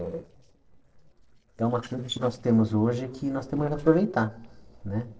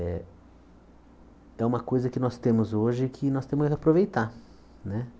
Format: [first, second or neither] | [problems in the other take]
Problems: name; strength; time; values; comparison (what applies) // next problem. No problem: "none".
second | noise reduction (neural separator model SepFormer DNS4)